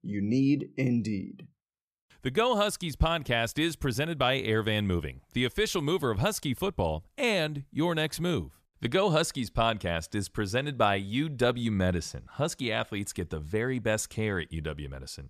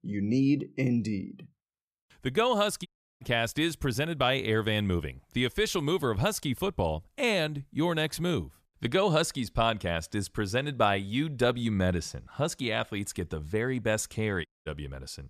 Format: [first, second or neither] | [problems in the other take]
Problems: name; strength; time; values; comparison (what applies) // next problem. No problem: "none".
first | audio cutting out; at 3 s and at 14 s